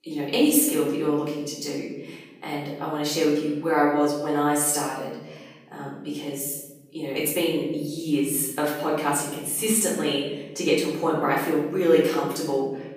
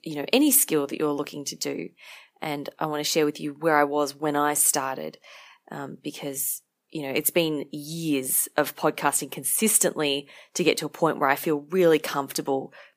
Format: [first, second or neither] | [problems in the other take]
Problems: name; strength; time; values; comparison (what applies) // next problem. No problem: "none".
second | off-mic speech; far // room echo; noticeable; dies away in 1.2 s